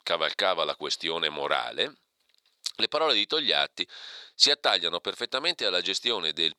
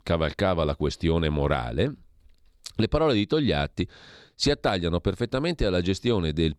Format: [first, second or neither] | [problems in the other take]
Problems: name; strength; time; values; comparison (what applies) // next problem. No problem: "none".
second | thin; very; fading below 700 Hz